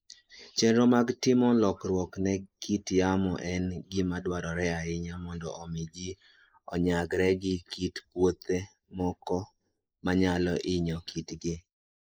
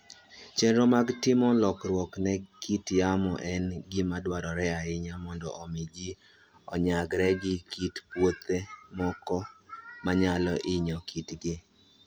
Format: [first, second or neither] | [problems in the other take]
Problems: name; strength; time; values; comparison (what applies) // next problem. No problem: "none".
second | noise reduction (neural mask model Resemble Enhance denoiser)